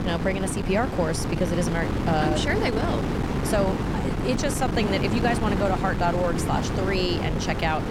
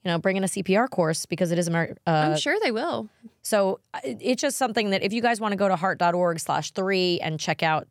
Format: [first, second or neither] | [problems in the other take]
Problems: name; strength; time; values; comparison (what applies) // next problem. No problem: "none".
second | wind noise on the microphone; heavy; 4 dB below the speech